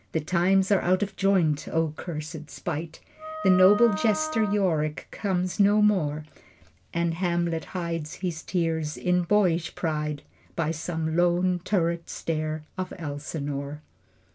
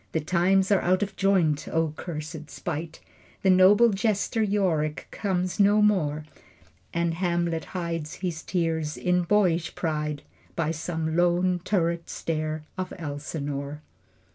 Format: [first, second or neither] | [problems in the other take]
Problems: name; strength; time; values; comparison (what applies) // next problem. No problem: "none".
second | background sound (Wind instrument, woodwind instrument); 8 dB below the speech